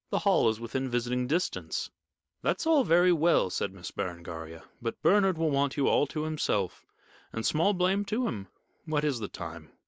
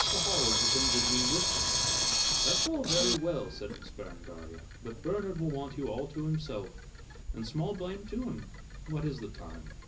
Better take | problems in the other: first | background sound (Camera); 3 dB above the speech // room echo; dies away in 0.4 s

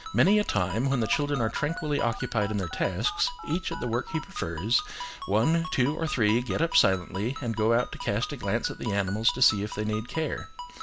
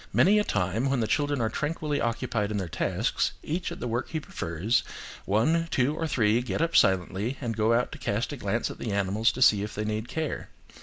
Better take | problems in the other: second | background sound (Ringtone + Telephone); 13 dB below the speech

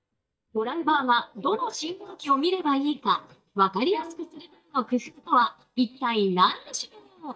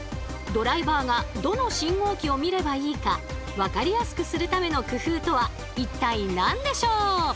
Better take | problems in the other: second | noise reduction (neural mask model DeepFilterNet 3)

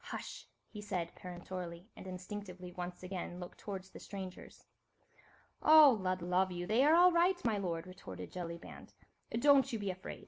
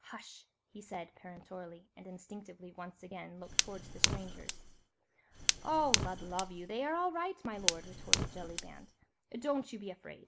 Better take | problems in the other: first | background sound (Fire); 4 dB above the speech

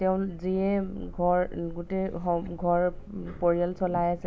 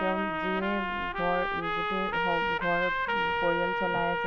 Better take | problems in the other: first | background sound (Trumpet); 3 dB above the speech

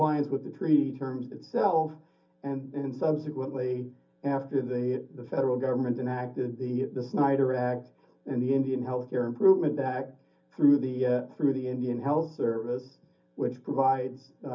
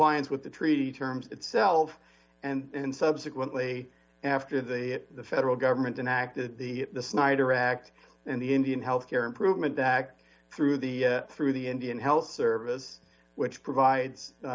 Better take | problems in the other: second | room echo; dies away in 0.4 s

